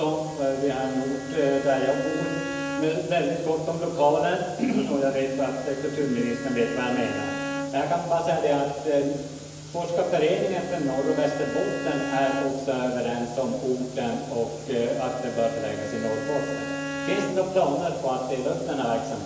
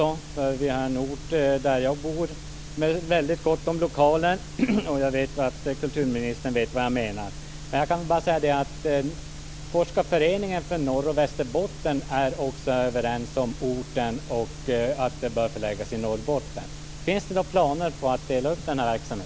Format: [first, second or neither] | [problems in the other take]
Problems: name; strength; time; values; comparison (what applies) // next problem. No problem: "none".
second | background sound (Bowed string instrument); 10 dB below the speech // room echo; dies away in 1 s